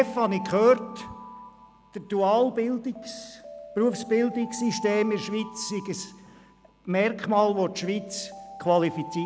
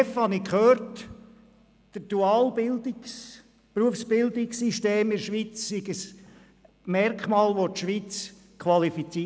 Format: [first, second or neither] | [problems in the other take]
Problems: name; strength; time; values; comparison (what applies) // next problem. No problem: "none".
second | background sound (Alarm); 16 dB below the speech